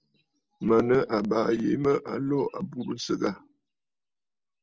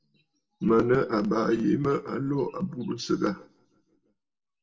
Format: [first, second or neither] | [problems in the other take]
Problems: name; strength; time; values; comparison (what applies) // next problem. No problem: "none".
first | room echo; dies away in 0.5 s